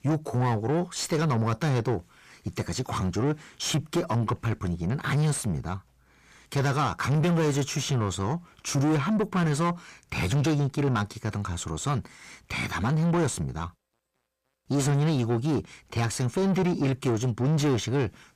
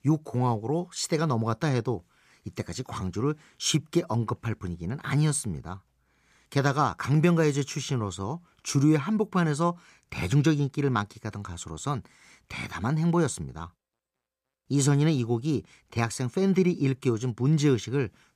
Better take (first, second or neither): second